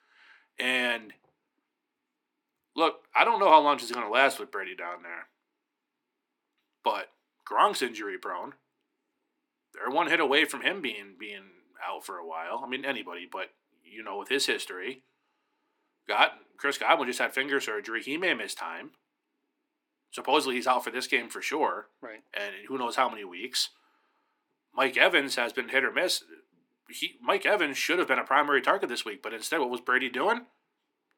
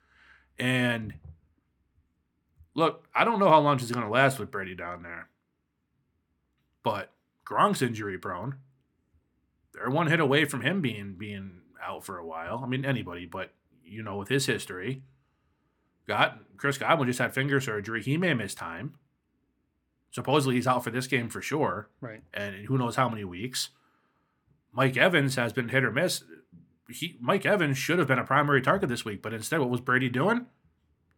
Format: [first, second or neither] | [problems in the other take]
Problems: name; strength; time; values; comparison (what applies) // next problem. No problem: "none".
second | thin; somewhat; fading below 300 Hz